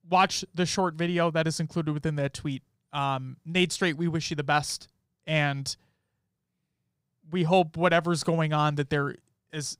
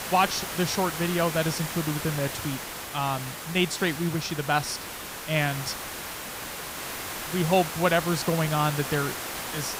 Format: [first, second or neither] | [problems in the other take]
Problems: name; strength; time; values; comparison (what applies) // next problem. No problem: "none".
first | hiss; loud; throughout; 6 dB below the speech